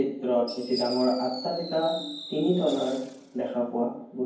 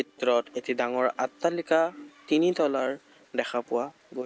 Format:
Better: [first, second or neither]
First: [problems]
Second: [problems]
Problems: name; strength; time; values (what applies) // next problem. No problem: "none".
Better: second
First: background sound (Fireworks); 14 dB below the speech // room echo; dies away in 0.9 s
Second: none